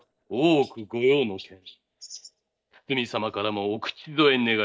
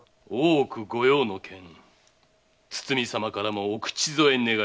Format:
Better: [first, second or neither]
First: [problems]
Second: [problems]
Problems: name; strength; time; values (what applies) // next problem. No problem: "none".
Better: second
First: noise reduction (neural mask model DeepFilterNet 3)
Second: none